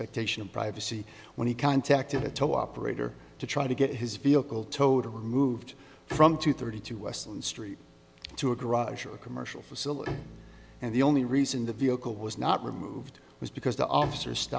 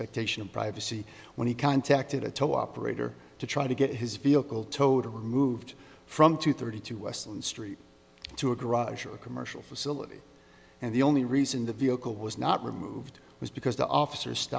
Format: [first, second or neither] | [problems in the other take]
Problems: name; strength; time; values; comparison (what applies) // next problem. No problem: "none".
second | background sound (Bowed string instrument); 17 dB below the speech